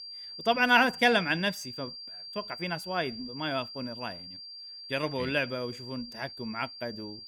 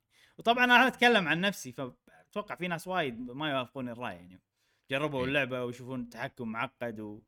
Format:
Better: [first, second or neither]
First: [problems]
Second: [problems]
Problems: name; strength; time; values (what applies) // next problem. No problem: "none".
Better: second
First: high-pitched whine; noticeable; throughout; 4.5 kHz, 10 dB below the speech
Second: none